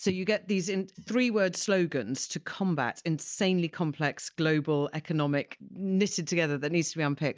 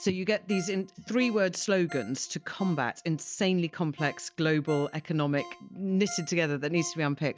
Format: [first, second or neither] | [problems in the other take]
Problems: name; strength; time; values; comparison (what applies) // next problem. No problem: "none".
first | background sound (Ringtone); 20 dB below the speech